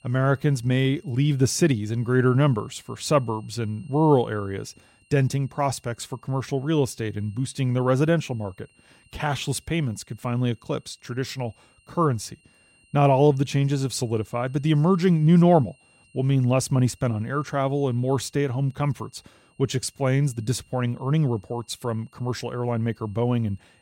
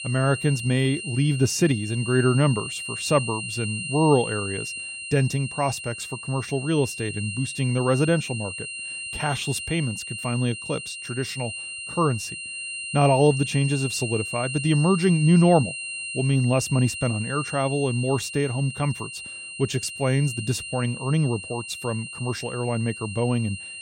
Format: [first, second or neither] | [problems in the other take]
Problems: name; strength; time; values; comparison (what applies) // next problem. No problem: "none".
first | high-pitched whine; loud; throughout; 3 kHz, 8 dB below the speech; faint in the first